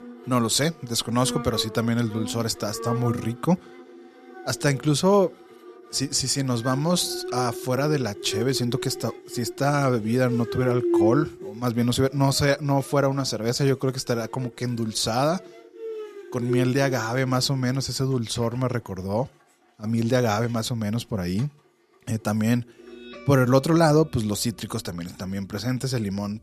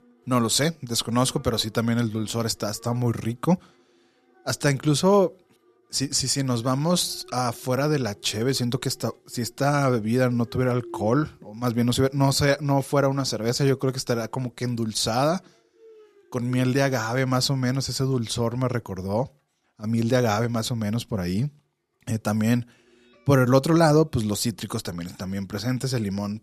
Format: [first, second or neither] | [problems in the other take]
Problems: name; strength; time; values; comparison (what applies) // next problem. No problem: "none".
second | background music; loud; throughout; 9 dB below the speech; faint in the second